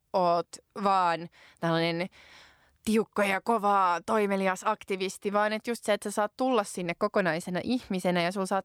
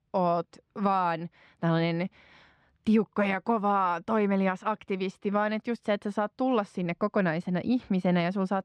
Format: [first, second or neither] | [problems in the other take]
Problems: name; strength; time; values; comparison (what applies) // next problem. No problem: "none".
first | muffled; slightly; fading above 3.5 kHz